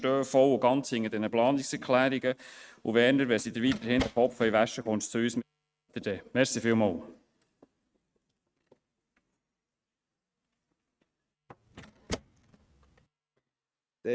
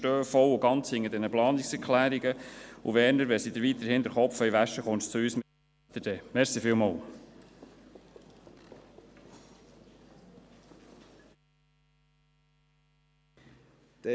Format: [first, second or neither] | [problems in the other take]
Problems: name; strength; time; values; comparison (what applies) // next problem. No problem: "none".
second | noise reduction (neural mask model RNNoise)